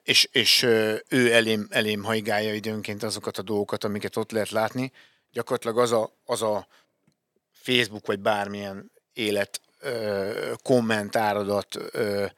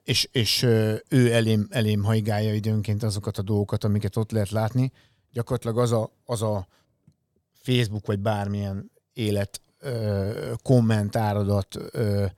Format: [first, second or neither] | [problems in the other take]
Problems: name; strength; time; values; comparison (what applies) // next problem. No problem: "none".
second | thin; somewhat; fading below 300 Hz